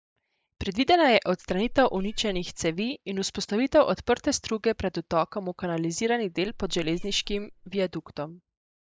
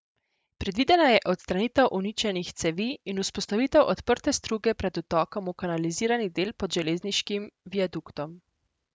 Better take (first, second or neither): second